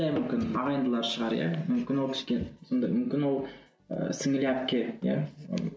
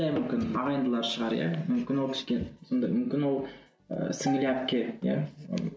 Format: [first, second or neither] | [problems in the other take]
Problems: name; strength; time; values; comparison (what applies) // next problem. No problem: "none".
first | background sound (Bowed string instrument); 12 dB below the speech